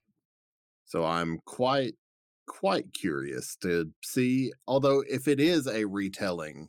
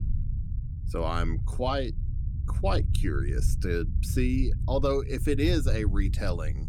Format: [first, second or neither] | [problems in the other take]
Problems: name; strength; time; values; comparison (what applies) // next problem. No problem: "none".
first | low rumble; noticeable; throughout; 15 dB below the speech